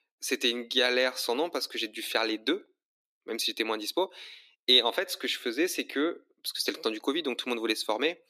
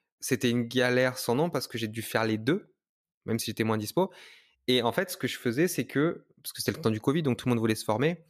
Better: second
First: thin; somewhat; fading below 300 Hz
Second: none

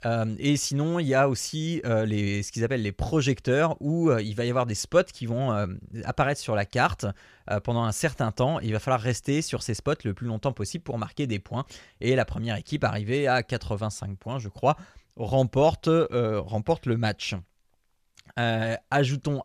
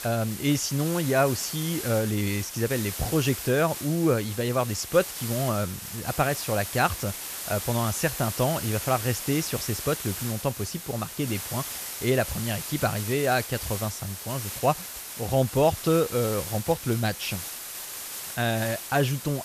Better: first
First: none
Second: hiss; loud; throughout; 7 dB below the speech

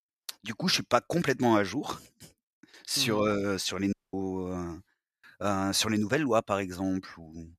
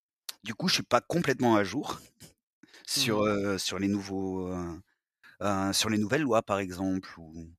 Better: second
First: audio cutting out; at 4 s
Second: none

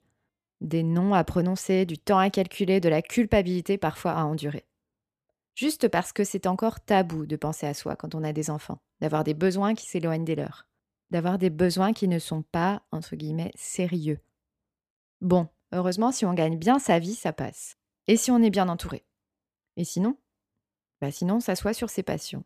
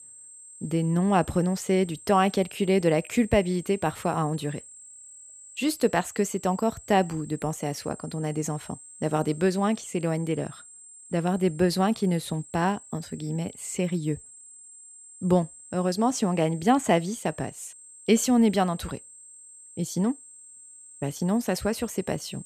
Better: first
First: none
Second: high-pitched whine; noticeable; throughout; 8.5 kHz, 20 dB below the speech

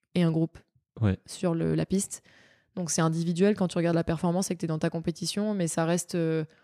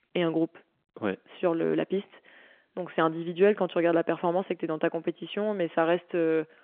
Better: first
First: none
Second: phone-call audio

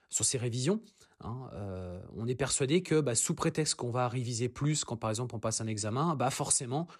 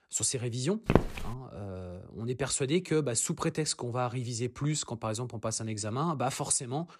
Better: first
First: none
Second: footsteps; loud; at 1 s; peak 4 dB above the speech

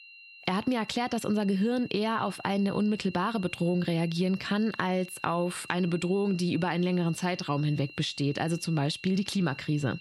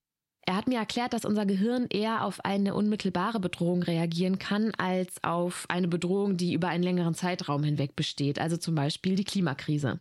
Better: second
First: high-pitched whine; noticeable; throughout; 2.5 kHz, 15 dB below the speech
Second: none

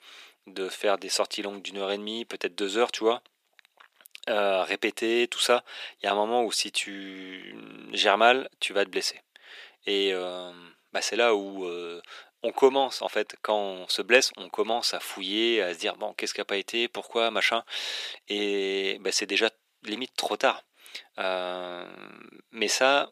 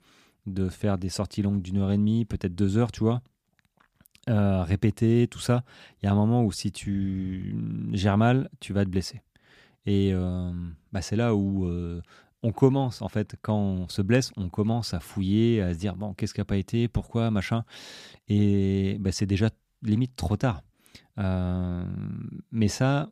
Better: second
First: thin; very; fading below 400 Hz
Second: none

